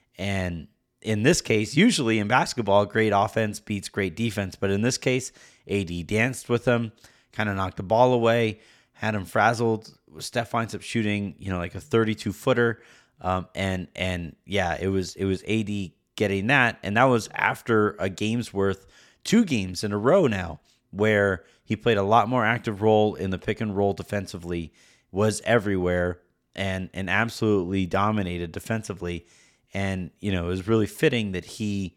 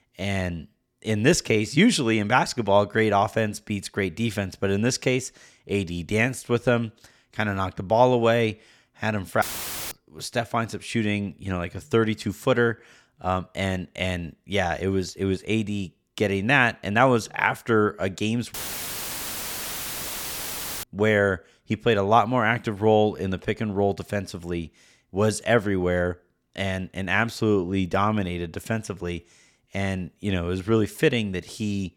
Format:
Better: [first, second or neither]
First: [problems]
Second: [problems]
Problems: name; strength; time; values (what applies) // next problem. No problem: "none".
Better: first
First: none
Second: audio cutting out; filled with static; at 9.5 s for 0.5 s and at 19 s for 2.5 s